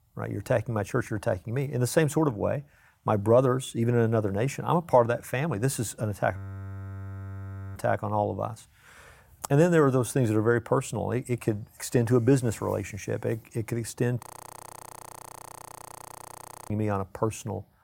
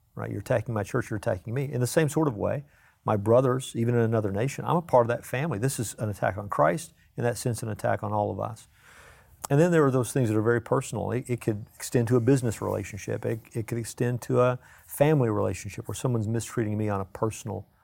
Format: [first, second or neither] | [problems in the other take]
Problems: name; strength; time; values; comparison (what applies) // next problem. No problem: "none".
second | audio freezing; at 6.5 s for 1.5 s and at 14 s for 2.5 s